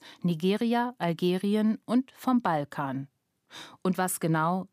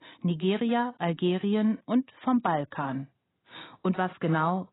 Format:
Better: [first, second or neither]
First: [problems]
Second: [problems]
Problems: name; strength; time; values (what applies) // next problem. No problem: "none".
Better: first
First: none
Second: garbled, watery; badly; nothing above 4 kHz